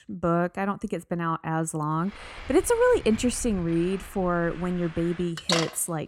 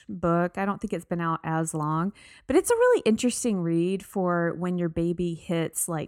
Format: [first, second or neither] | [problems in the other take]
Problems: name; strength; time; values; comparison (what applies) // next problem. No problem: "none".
second | traffic noise; loud; from 2 s on; 9 dB below the speech